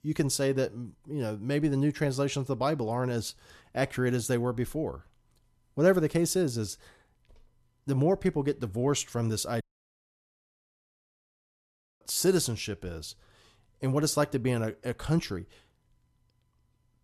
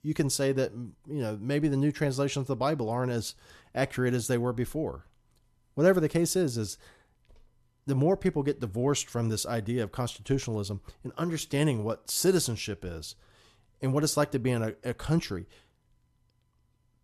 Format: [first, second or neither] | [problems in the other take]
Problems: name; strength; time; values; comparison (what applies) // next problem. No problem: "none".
second | audio cutting out; at 9.5 s for 2.5 s